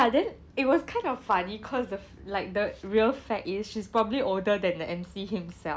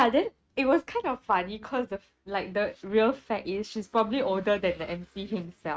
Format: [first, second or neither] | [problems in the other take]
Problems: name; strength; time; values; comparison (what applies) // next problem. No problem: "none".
first | noise reduction (neural mask model RNNoise)